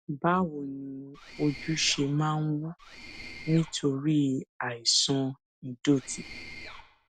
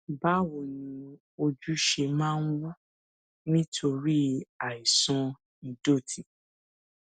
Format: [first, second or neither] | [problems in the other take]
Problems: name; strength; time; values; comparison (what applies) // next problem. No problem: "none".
second | background sound (Mechanisms); 15 dB below the speech